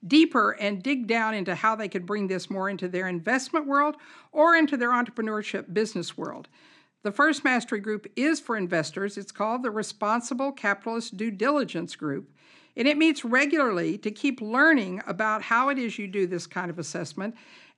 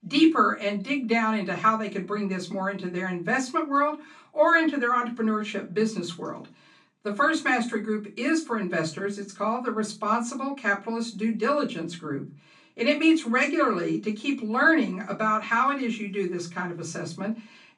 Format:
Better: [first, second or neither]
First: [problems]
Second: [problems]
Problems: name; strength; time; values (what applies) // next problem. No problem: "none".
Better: first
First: none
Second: off-mic speech; far // room echo; very slight; dies away in 0.3 s